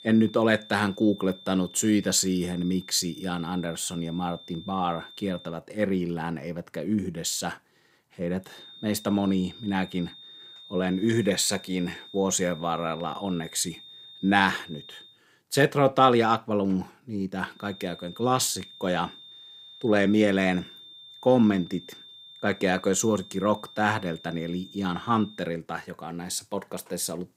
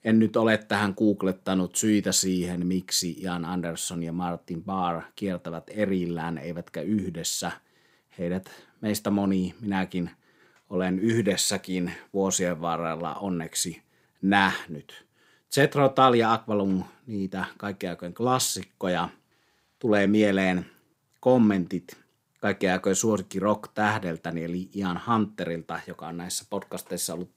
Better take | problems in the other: second | high-pitched whine; noticeable; until 5.5 s, from 8.5 to 15 s and from 18 to 25 s; 3.5 kHz, 20 dB below the speech

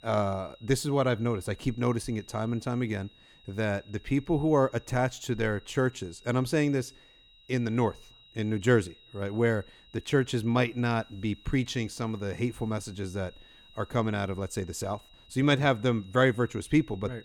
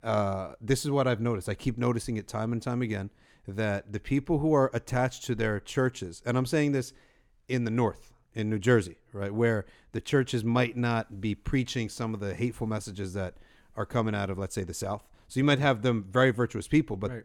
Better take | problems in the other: second | high-pitched whine; faint; throughout; 4 kHz, 25 dB below the speech

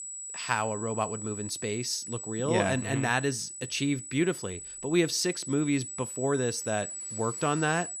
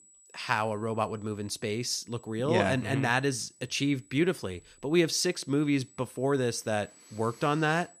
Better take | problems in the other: second | high-pitched whine; loud; throughout; 8 kHz, 7 dB below the speech; faint in the second

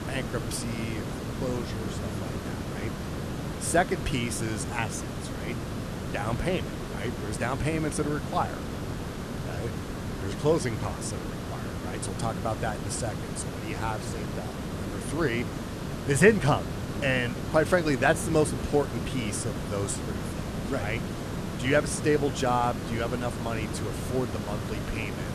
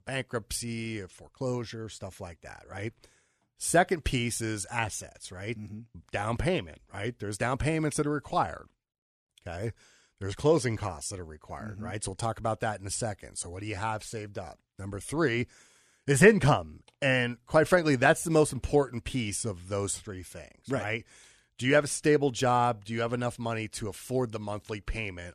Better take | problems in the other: second | hiss; loud; throughout; 5 dB below the speech

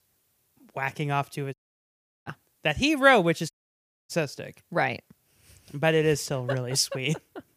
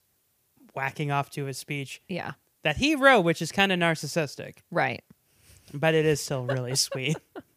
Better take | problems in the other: second | audio cutting out; at 1.5 s for 0.5 s and at 3.5 s for 0.5 s

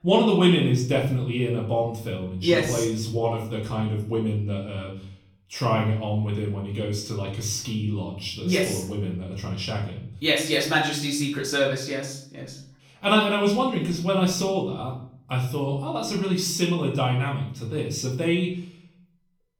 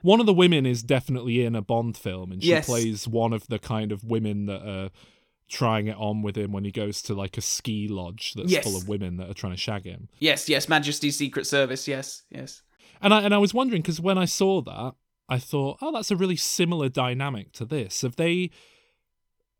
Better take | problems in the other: second | off-mic speech; far // room echo; slight; dies away in 0.5 s

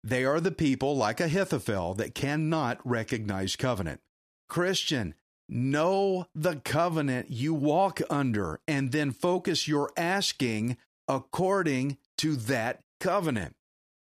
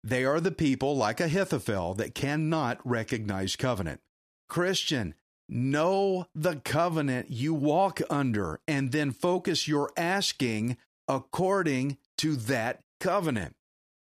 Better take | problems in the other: neither | none

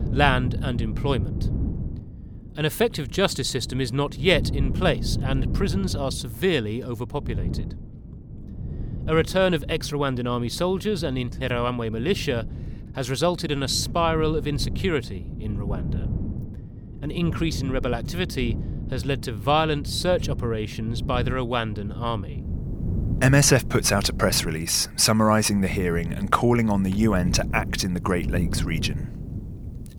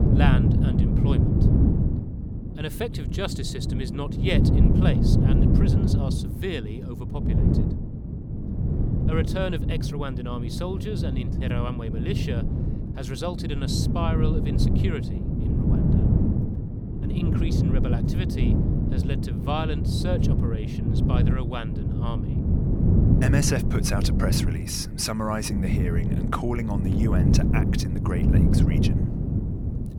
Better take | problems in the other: first | wind noise on the microphone; heavy; 1 dB below the speech; occasional gusts in the first

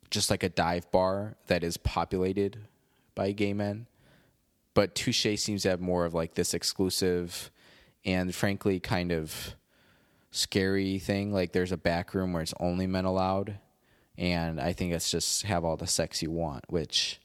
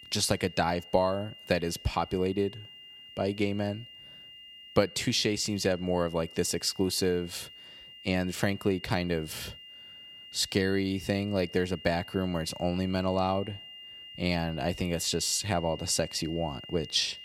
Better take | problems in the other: first | high-pitched whine; noticeable; throughout; 3 kHz, 15 dB below the speech

